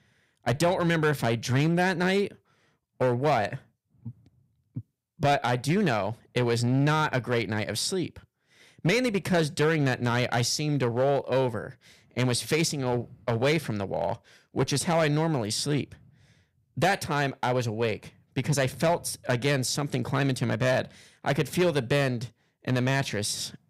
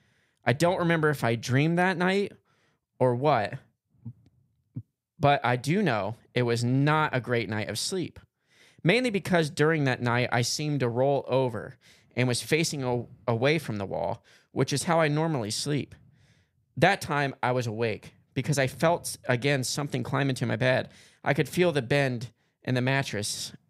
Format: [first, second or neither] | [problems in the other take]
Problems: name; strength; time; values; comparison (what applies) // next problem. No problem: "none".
second | distortion; slight; 5% of the sound clipped